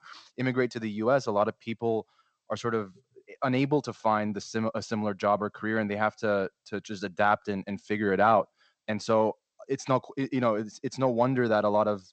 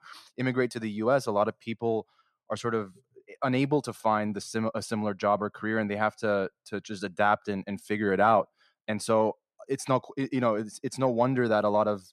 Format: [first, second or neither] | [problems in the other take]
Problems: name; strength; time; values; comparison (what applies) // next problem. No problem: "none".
second | garbled, watery; slightly; nothing above 7.5 kHz